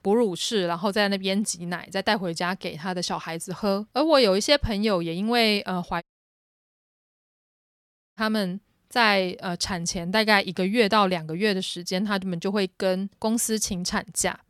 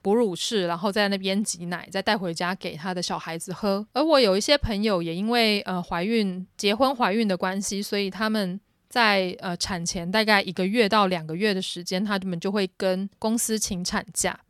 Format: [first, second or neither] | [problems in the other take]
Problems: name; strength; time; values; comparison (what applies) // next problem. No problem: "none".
second | audio cutting out; at 6 s for 2 s